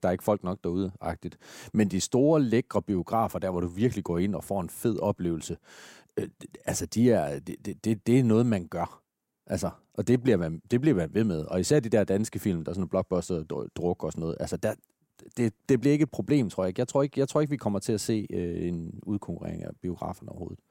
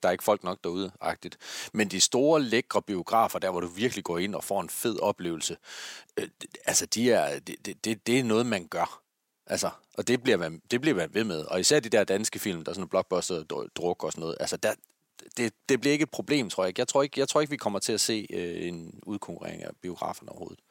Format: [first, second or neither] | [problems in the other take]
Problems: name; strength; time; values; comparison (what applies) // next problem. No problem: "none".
first | thin; somewhat; fading below 750 Hz